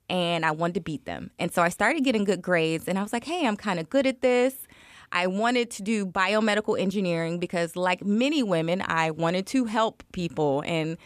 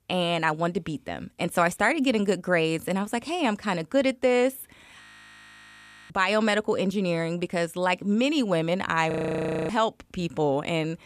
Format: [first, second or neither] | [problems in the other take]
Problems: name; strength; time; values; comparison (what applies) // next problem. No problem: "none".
first | audio freezing; at 5 s for 1 s and at 9 s for 0.5 s